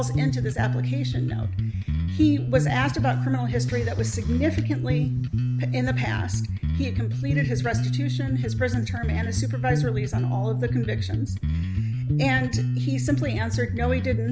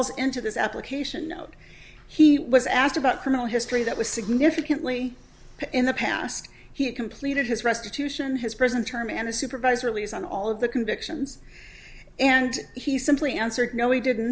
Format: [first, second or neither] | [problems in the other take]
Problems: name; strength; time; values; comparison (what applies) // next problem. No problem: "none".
second | background sound (Bass guitar); 4 dB above the speech